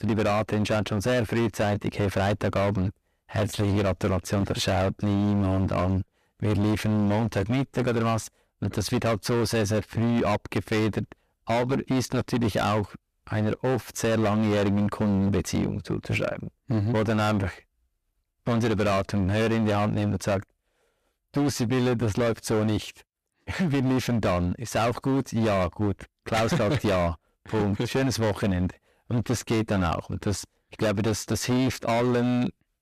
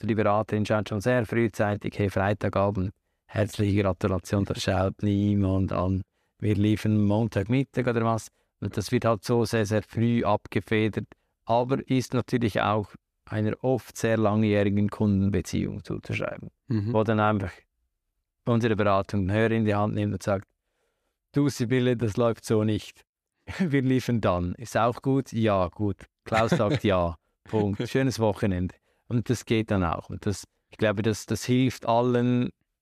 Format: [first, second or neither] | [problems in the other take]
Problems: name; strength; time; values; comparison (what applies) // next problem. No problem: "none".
second | distortion; heavy; 20% of the sound clipped